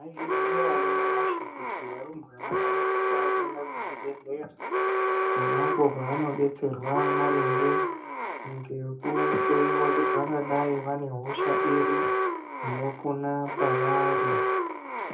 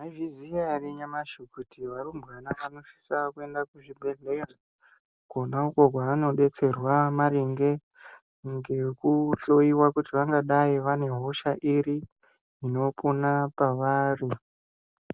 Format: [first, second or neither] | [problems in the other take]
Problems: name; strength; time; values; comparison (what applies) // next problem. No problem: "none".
second | background sound (Alarm); 3 dB above the speech // room echo; dies away in 0.3 s